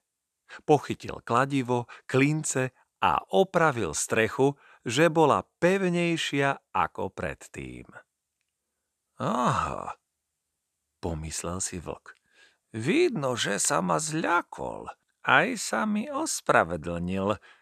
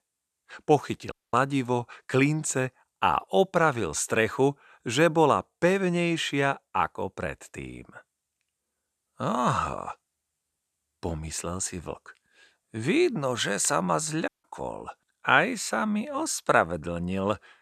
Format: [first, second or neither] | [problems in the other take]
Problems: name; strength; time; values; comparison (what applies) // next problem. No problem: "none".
first | audio cutting out; at 1 s and at 14 s